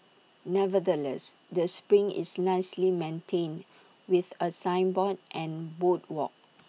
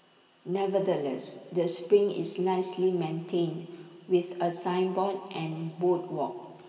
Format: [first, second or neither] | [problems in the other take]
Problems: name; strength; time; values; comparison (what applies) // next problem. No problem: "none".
first | room echo; dies away in 2.1 s